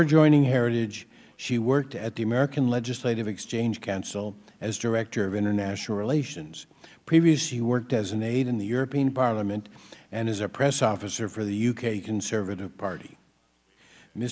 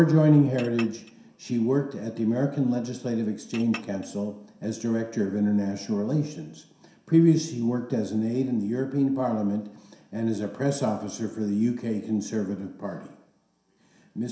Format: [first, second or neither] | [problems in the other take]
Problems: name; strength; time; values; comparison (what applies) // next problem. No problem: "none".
first | background sound (Chink, clink); 18 dB below the speech // room echo; dies away in 0.7 s